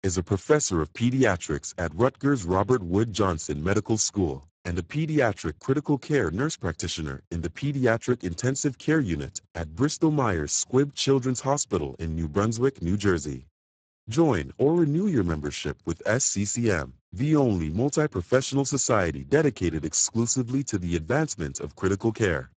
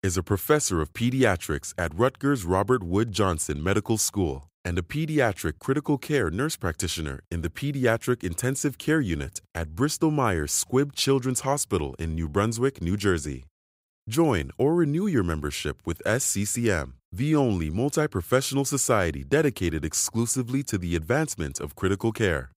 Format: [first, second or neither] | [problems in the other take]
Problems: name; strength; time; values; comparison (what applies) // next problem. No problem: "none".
second | garbled, watery; badly; nothing above 7.5 kHz